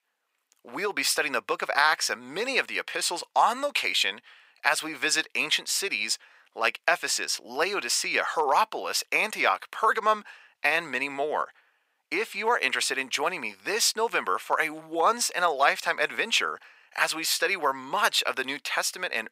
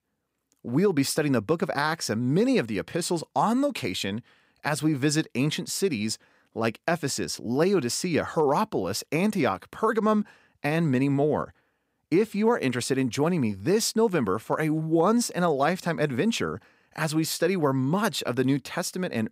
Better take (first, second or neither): second